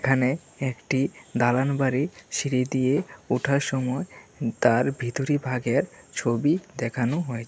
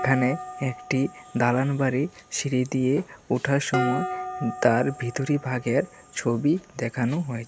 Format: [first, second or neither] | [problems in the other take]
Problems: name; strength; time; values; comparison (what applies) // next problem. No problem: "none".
first | background sound (Dishes, pots, and pans); 11 dB below the speech